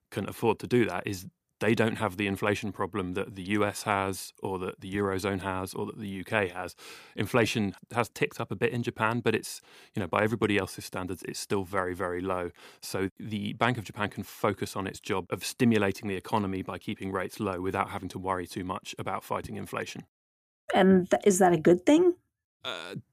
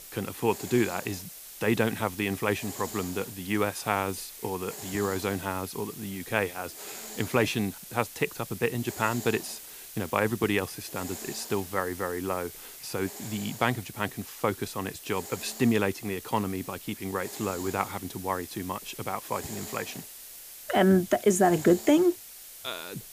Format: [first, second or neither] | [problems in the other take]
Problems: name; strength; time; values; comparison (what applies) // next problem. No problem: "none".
first | hiss; noticeable; throughout; 10 dB below the speech